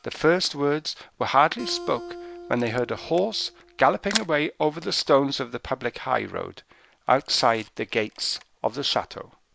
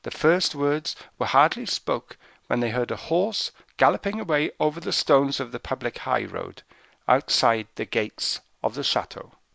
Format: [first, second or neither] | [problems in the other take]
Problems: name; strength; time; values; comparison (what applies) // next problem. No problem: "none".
second | background sound (Acoustic guitar + Camera); 16 dB below the speech